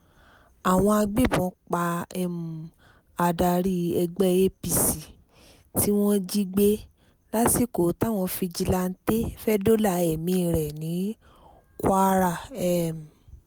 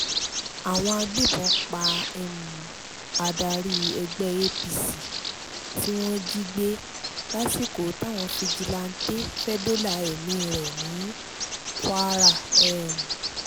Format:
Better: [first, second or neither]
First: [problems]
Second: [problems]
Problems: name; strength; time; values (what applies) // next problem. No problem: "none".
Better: first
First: none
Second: background sound (Bird vocalization, bird call, bird song); 1 dB above the speech